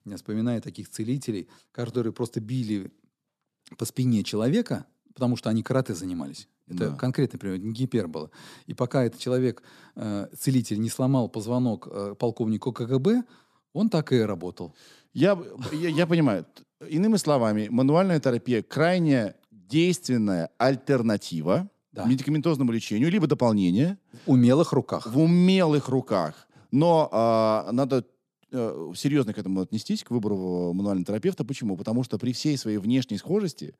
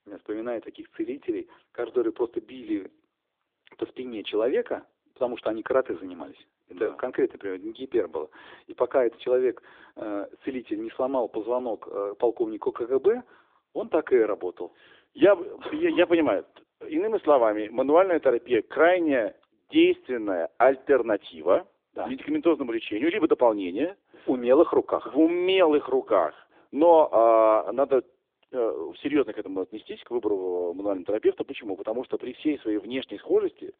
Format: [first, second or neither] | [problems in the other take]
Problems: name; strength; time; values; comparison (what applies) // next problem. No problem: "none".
first | phone-call audio; nothing above 3.5 kHz